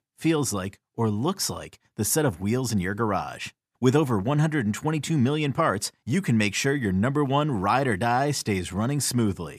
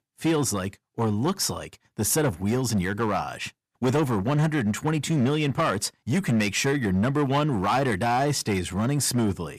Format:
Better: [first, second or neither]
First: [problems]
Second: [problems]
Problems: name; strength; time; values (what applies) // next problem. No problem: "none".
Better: first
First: none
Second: distortion; slight; 9% of the sound clipped